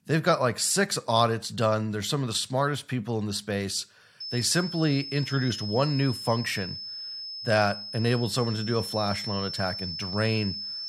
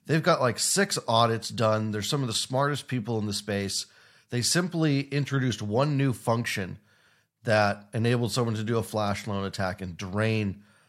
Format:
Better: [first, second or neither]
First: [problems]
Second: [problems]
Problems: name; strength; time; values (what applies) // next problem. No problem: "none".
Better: second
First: high-pitched whine; loud; from 4 s on; 5 kHz, 7 dB below the speech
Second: none